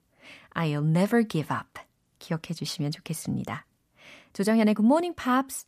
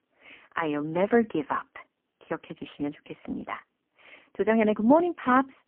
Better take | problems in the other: first | phone-call audio; poor line; nothing above 3 kHz

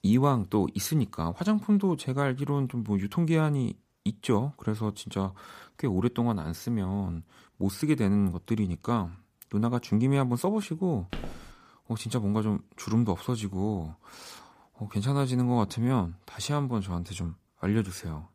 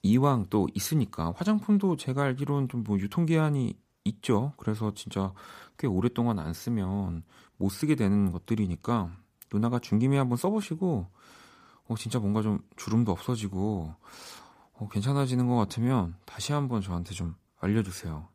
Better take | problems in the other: second | footsteps; faint; at 11 s; peak 10 dB below the speech

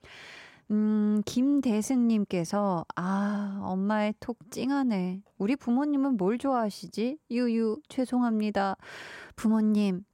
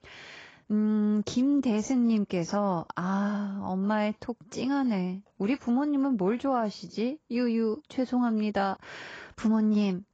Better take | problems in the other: first | garbled, watery; badly; nothing above 7.5 kHz

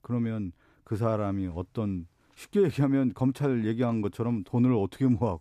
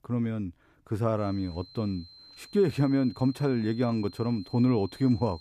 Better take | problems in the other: first | high-pitched whine; faint; from 1 s on; 4 kHz, 20 dB below the speech

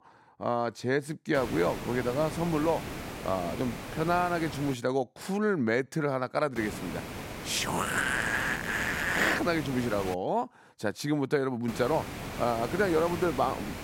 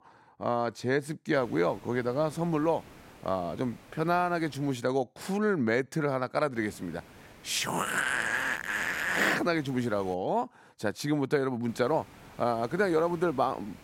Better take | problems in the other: second | hiss; loud; from 1.5 to 4.5 s, from 6.5 to 10 s and from 12 s on; 9 dB below the speech; faint in the second

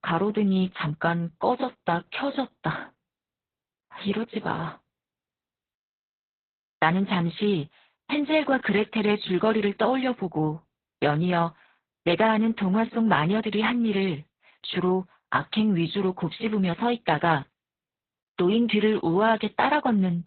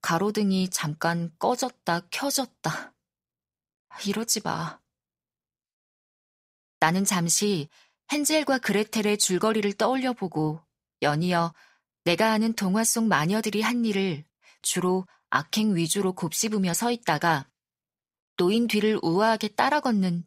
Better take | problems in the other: second | garbled, watery; badly; nothing above 4 kHz

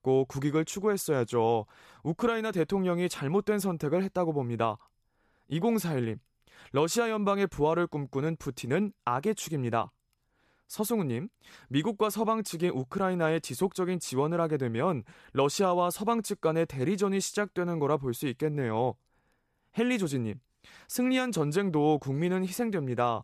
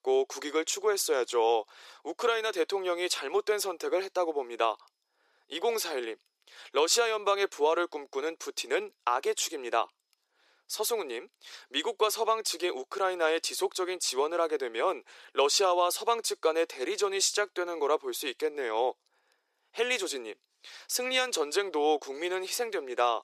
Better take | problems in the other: first | thin; very; fading below 350 Hz

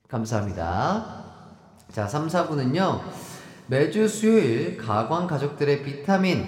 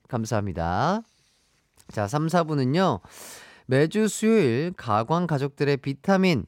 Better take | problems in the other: second | room echo; slight; dies away in 1.8 s

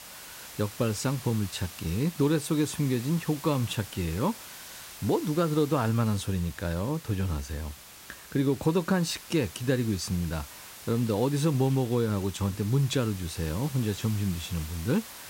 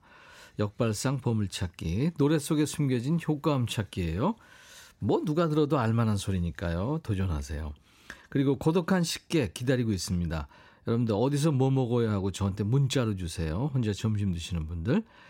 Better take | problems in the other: second | hiss; noticeable; throughout; 15 dB below the speech

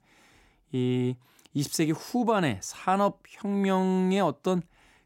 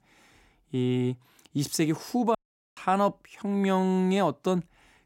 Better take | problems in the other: first | audio cutting out; at 2.5 s

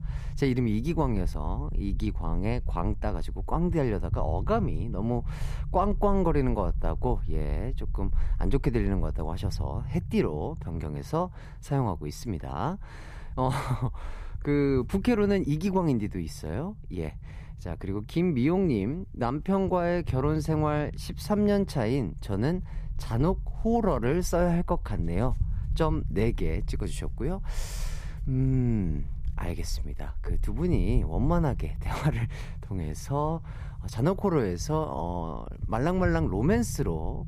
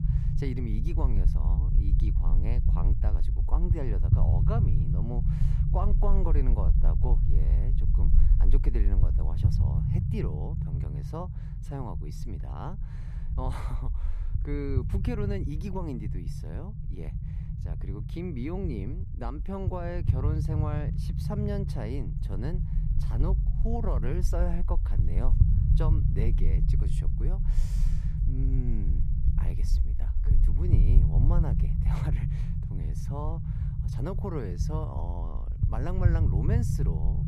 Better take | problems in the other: first | low rumble; loud; throughout; 3 dB below the speech; faint in the first

